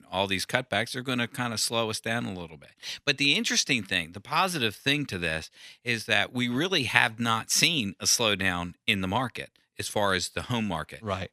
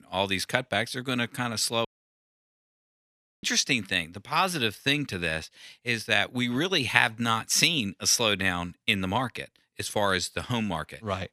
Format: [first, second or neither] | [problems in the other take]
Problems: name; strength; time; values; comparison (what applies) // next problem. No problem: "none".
first | audio cutting out; at 2 s for 1.5 s